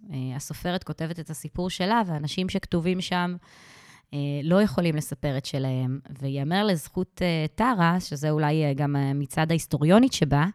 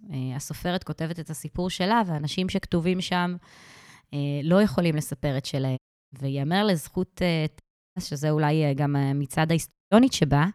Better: first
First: none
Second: audio cutting out; at 6 s, at 7.5 s and at 9.5 s

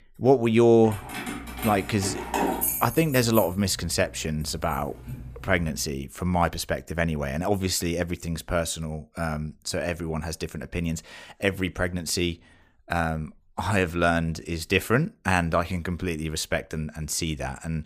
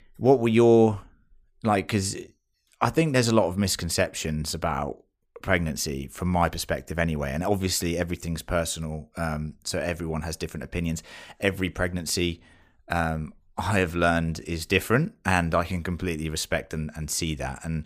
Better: second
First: jangling keys; loud; from 1 to 6 s; peak 2 dB above the speech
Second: none

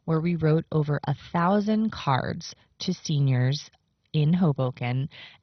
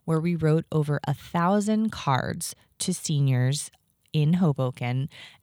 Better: second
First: garbled, watery; badly; nothing above 6 kHz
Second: none

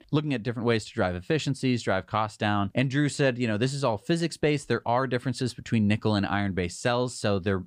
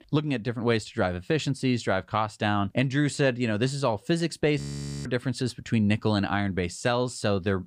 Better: first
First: none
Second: audio freezing; at 4.5 s

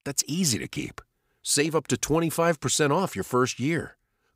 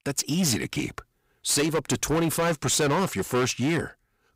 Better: first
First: none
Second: distortion; heavy; 15% of the sound clipped

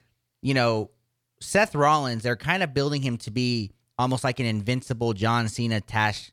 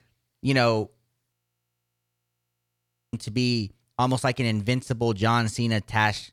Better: first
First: none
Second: audio freezing; at 1.5 s for 2 s

